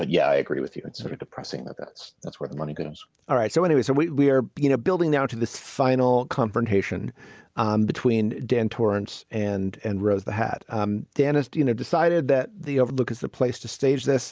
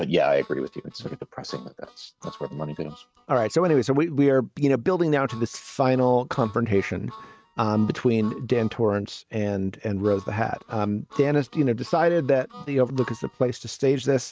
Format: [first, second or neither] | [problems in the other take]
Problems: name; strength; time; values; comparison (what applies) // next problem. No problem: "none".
first | noise reduction (neural mask model RNNoise)